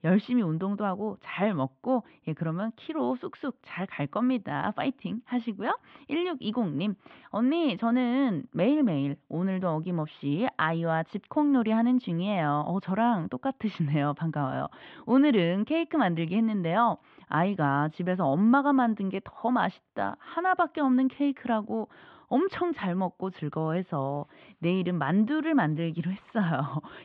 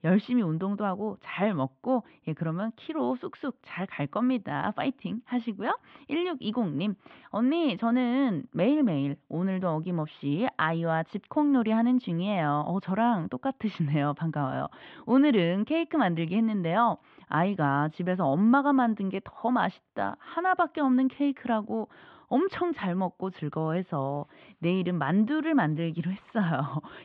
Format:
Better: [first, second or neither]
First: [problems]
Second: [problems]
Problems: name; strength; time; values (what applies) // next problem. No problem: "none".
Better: neither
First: muffled; very; fading above 3.5 kHz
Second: muffled; very; fading above 3.5 kHz